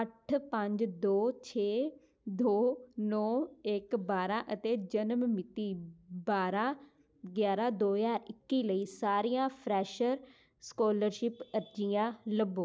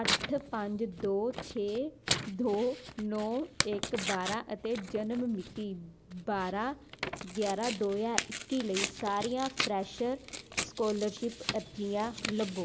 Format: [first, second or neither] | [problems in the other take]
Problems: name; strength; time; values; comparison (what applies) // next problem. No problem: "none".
first | background sound (Tearing); 5 dB below the speech